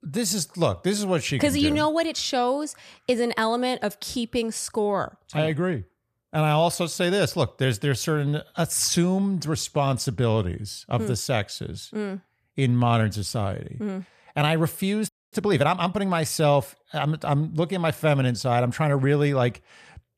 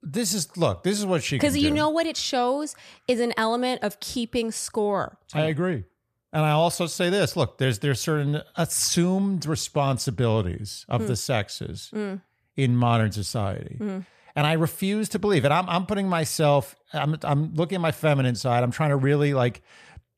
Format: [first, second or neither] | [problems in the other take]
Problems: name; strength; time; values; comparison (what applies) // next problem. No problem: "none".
second | audio freezing; at 15 s